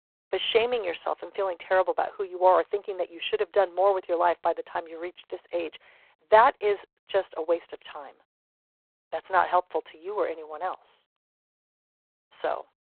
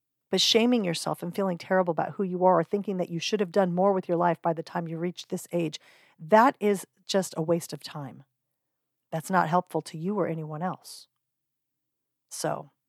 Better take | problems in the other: second | phone-call audio; poor line

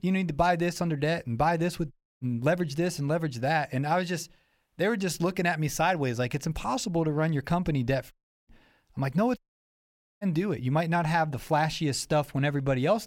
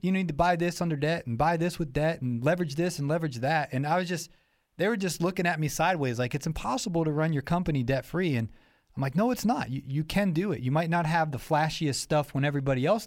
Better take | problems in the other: second | audio cutting out; at 2 s, at 8 s and at 9.5 s for 1 s

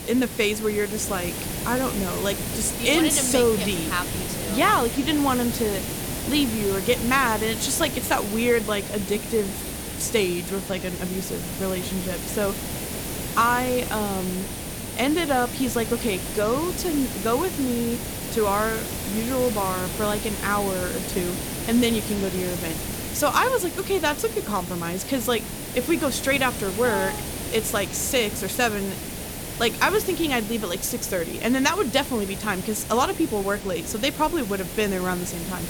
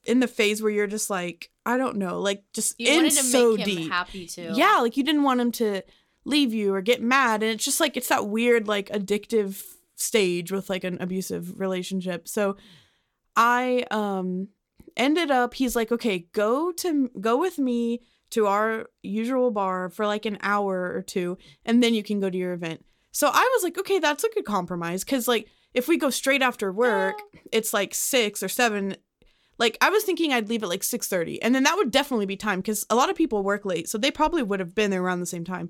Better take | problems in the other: second | hiss; loud; throughout; 6 dB below the speech

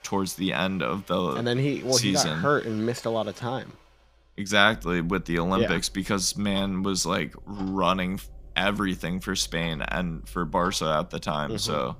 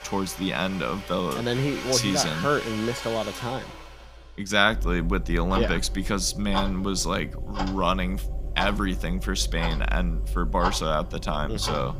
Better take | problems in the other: first | household noises; loud; throughout; 7 dB below the speech; faint in the first

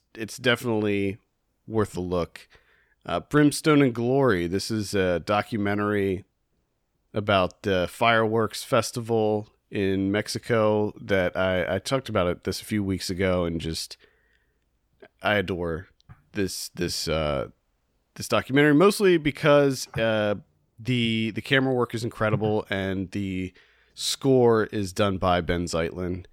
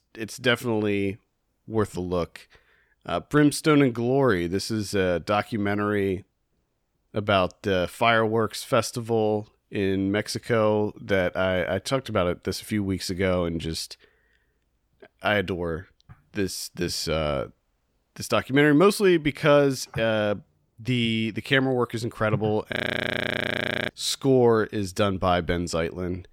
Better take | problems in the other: first | audio freezing; at 23 s for 1 s

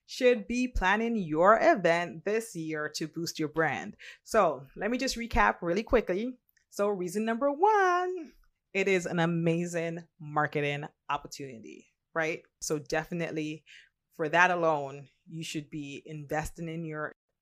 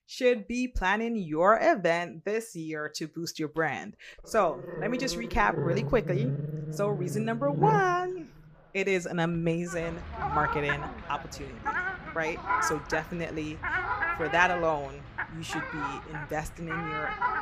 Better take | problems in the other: first | animal sounds; loud; from 5 s on; 4 dB below the speech

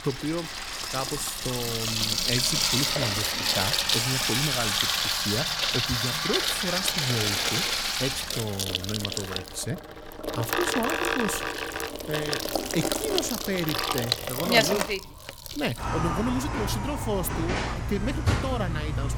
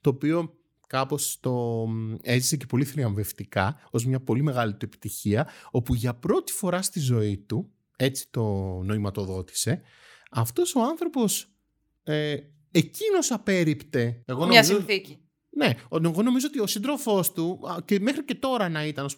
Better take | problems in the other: second | household noises; very loud; throughout; 4 dB above the speech

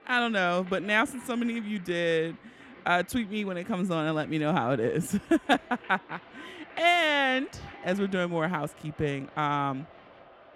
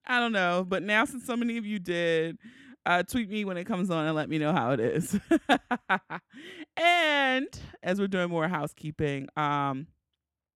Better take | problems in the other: second | crowd noise; faint; throughout; 20 dB below the speech

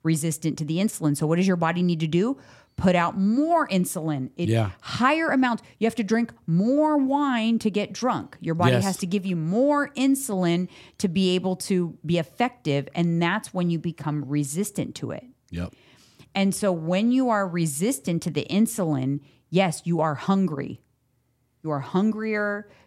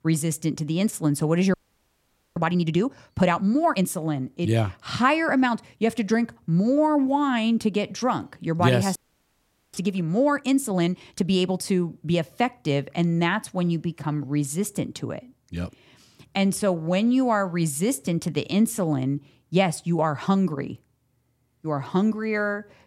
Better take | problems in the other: first | audio freezing; at 1.5 s for 1 s and at 9 s for 1 s

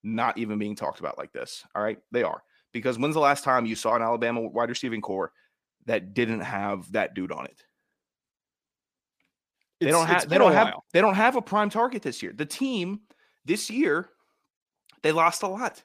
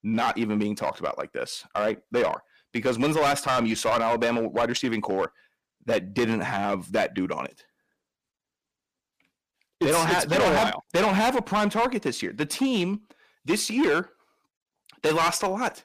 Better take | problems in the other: first | distortion; heavy; 9% of the sound clipped

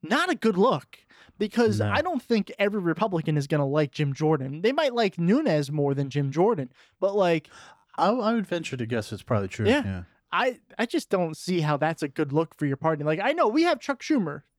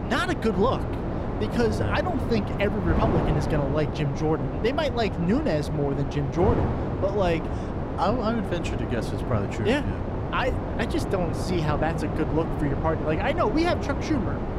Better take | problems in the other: first | wind noise on the microphone; heavy; 5 dB below the speech

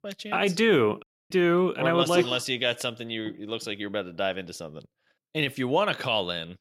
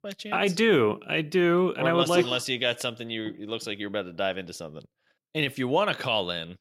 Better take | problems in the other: second | audio cutting out; at 1 s

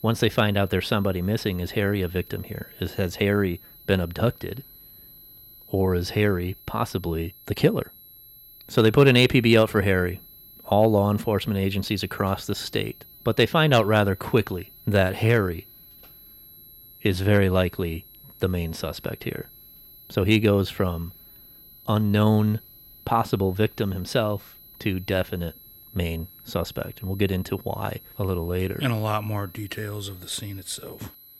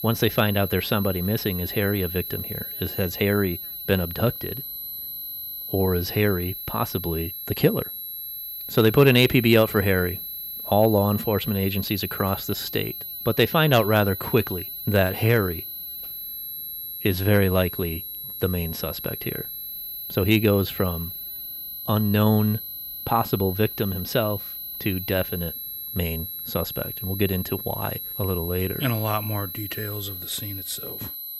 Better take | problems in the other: first | high-pitched whine; loud; throughout; 11.5 kHz, 7 dB below the speech; faint in the first

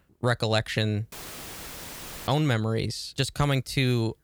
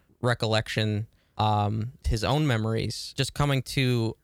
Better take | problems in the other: second | audio cutting out; filled with static; at 1 s for 1 s

